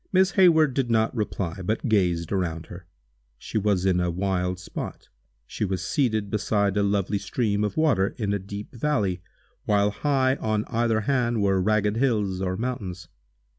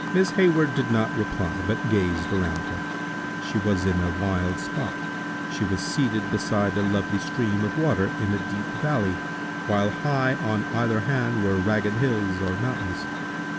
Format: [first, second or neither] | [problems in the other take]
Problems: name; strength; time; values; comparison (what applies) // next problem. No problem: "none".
first | background sound (Engine); 5 dB below the speech